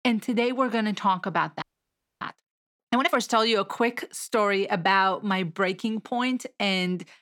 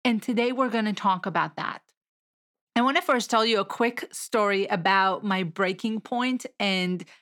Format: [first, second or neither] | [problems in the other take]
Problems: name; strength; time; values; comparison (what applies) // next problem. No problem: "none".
second | audio freezing; at 1.5 s for 0.5 s